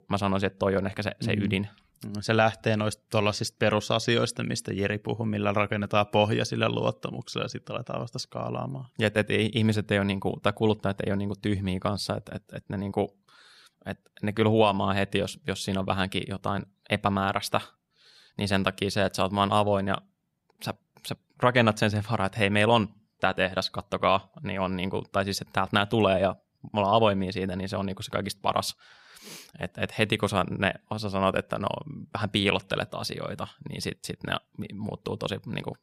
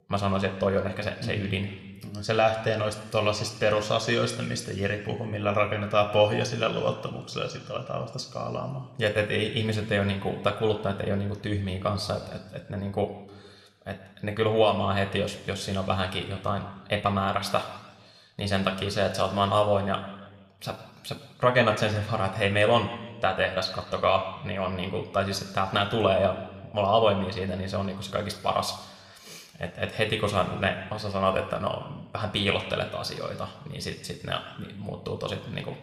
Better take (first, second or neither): first